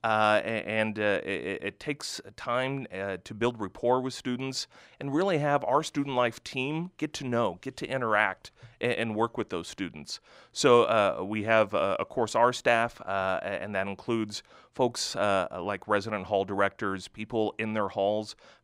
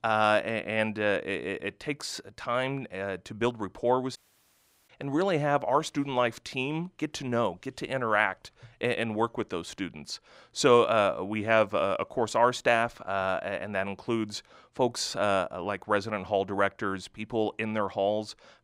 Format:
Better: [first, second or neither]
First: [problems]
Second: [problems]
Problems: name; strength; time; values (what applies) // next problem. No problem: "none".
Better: first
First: none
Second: audio cutting out; at 4 s for 0.5 s